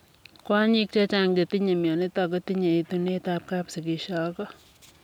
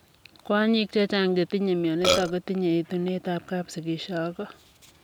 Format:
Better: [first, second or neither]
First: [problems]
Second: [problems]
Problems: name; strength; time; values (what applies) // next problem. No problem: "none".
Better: first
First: none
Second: background sound (Burping, eructation); 3 dB above the speech